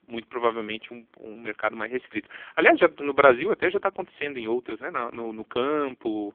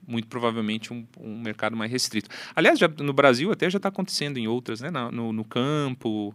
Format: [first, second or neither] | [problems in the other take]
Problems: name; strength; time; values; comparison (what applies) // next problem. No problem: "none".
second | phone-call audio; poor line; nothing above 3.5 kHz